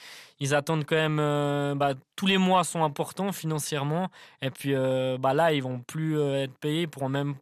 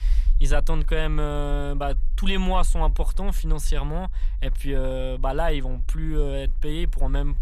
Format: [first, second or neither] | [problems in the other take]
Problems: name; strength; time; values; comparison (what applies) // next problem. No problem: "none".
first | low rumble; faint; throughout; 25 dB below the speech